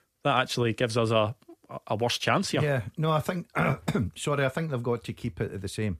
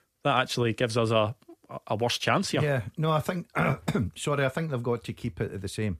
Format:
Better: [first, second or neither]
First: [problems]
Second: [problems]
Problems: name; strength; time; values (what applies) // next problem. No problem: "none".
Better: neither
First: none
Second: none